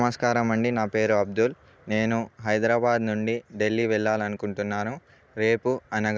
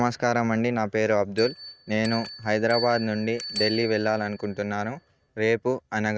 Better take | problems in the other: first | noise reduction (neural mask model RNNoise)

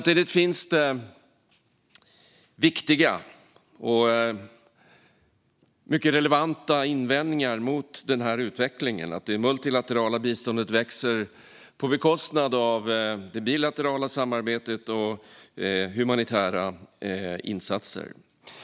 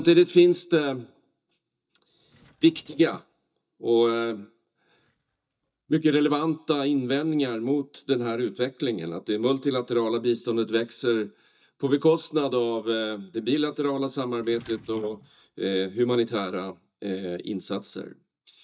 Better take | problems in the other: first | noise reduction (neural mask model DeepFilterNet 3)

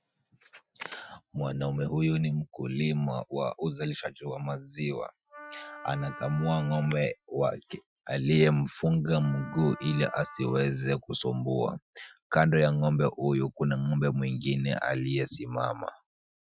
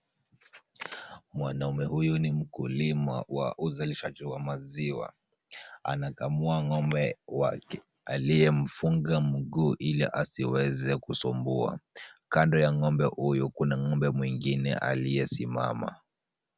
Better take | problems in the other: second | noise reduction (classical method Wiener filter)

